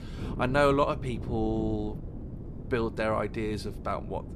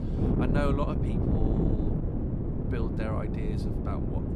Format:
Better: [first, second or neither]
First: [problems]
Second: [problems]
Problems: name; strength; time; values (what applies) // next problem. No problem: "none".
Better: first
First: wind noise on the microphone; occasional gusts; 15 dB below the speech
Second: wind noise on the microphone; heavy; 1 dB above the speech